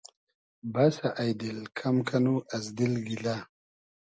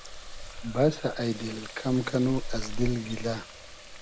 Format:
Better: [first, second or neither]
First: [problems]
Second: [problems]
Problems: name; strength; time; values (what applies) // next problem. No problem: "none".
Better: first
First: none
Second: background sound (Water tap, faucet); 6 dB below the speech